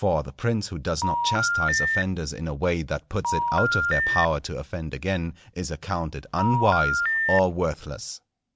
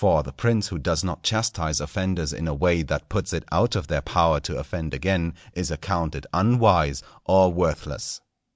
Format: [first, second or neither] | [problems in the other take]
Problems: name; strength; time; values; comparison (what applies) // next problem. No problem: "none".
second | background sound (Telephone); 1 dB above the speech